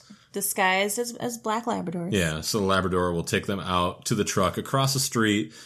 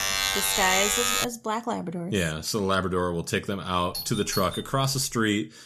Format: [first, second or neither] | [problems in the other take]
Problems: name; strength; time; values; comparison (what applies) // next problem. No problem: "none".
first | alarm; loud; until 1.5 s; peak 4 dB above the speech // doorbell; noticeable; from 4 s on; peak 7 dB below the speech